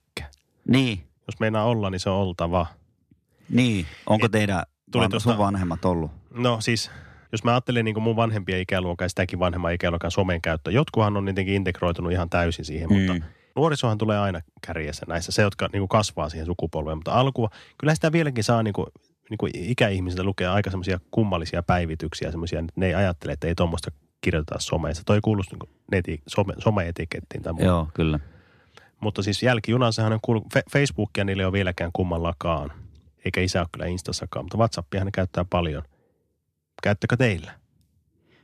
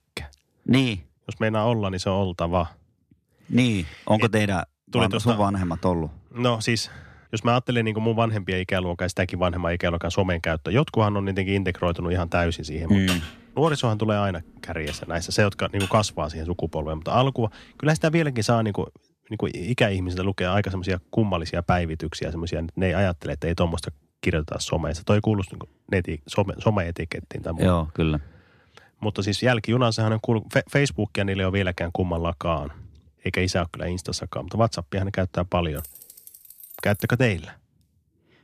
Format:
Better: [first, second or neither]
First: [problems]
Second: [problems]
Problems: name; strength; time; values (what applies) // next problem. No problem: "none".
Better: first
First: none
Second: keyboard typing; noticeable; from 13 to 16 s; peak 5 dB below the speech // jangling keys; faint; from 36 to 37 s; peak 15 dB below the speech